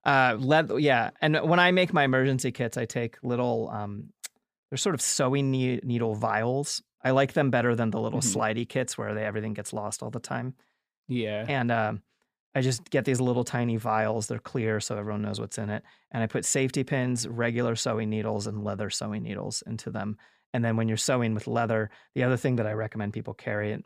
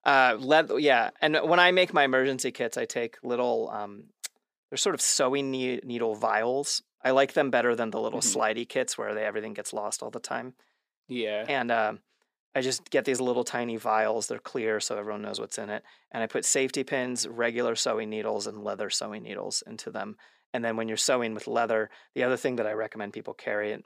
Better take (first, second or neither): first